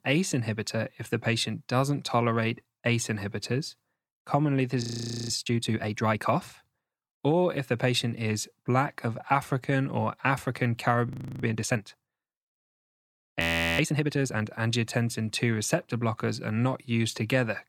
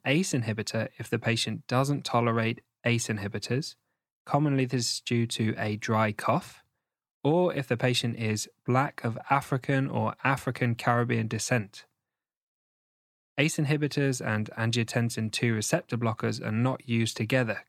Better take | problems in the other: second | audio freezing; at 5 s, at 11 s and at 13 s

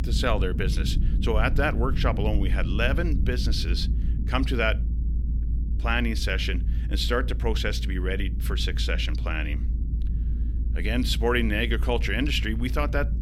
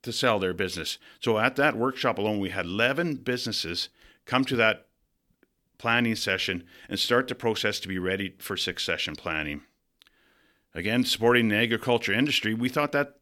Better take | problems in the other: second | low rumble; noticeable; throughout; 15 dB below the speech

